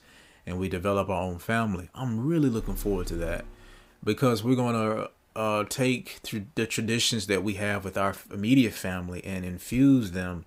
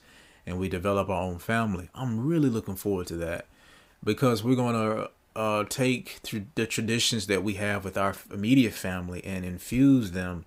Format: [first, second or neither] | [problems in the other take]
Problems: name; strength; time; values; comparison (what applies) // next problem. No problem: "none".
second | alarm; faint; from 2.5 to 3.5 s; peak 15 dB below the speech